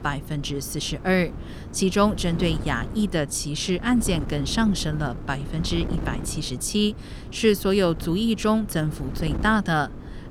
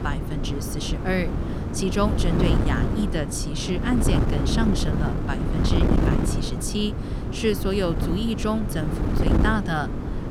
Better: first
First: wind noise on the microphone; occasional gusts; 15 dB below the speech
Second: wind noise on the microphone; heavy; 2 dB below the speech

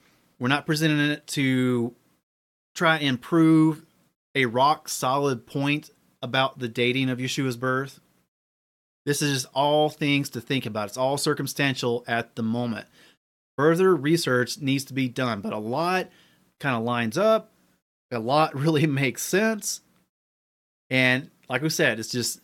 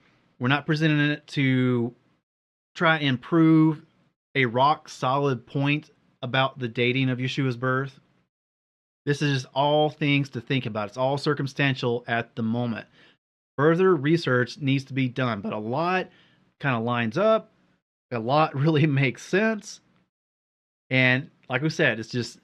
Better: first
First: none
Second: muffled; slightly; fading above 3 kHz

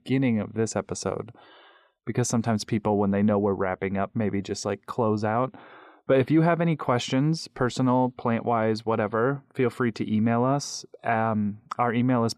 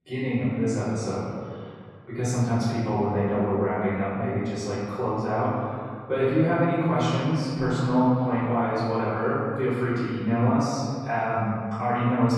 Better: first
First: none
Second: off-mic speech; far // room echo; strong; dies away in 2.1 s

